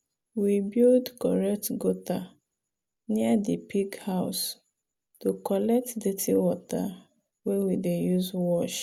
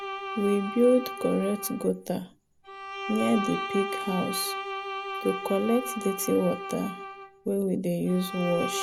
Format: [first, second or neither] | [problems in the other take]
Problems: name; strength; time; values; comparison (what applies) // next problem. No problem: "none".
first | background sound (Bowed string instrument); 7 dB below the speech